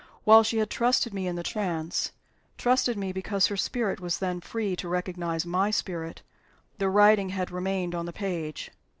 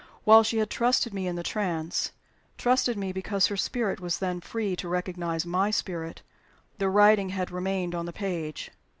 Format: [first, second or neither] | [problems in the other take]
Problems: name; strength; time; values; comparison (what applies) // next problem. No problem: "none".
second | noise reduction (neural separator model SepFormer DNS4)